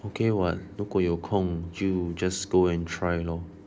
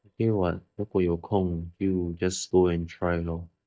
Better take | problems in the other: first | noise reduction (neural mask model DeepFilterNet 3)

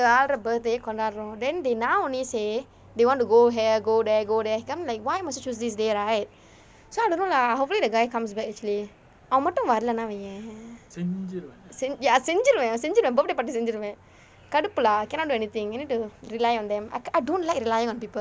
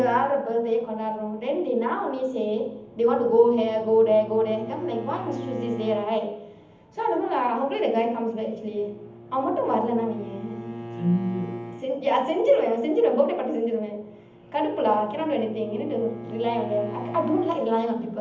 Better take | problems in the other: first | background sound (Bowed string instrument); 16 dB below the speech // room echo; dies away in 0.8 s

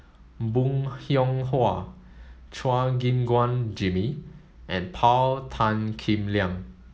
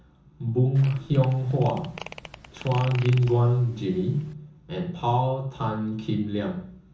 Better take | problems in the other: first | background sound (Fart); 17 dB below the speech // room echo; dies away in 0.7 s

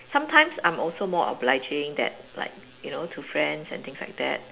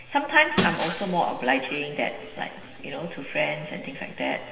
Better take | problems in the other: first | background sound (Shatter); 8 dB below the speech // room echo; dies away in 2 s

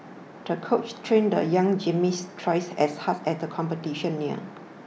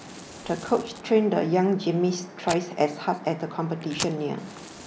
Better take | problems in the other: first | background sound (Fire); 17 dB below the speech

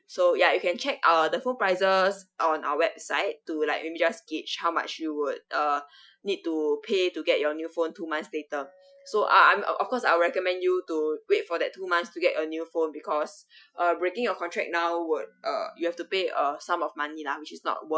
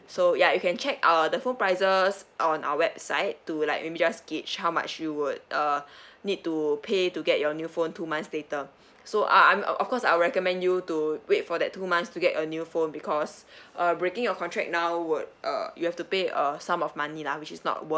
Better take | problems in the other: second | noise reduction (classical method Wiener filter)

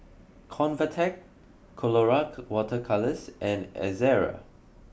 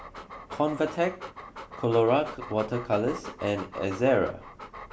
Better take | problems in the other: first | background sound (Dog); 14 dB below the speech

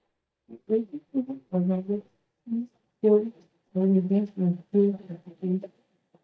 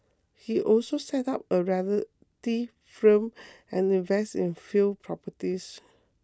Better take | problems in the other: second | noise reduction (neural mask model DeepFilterNet 3)

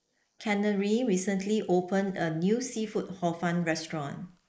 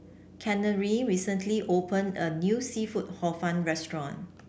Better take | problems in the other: second | noise reduction (neural mask model Resemble Enhance denoiser)

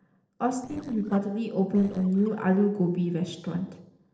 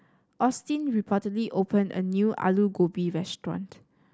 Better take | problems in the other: second | noise reduction (neural separator model SepFormer DNS4)

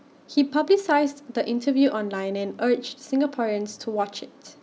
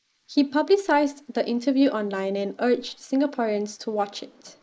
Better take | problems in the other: first | noise reduction (neural mask model Resemble Enhance denoiser)

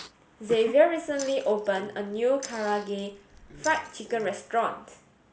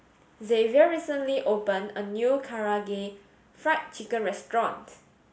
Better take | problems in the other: second | background sound (Glass + Respiratory sounds); 18 dB below the speech

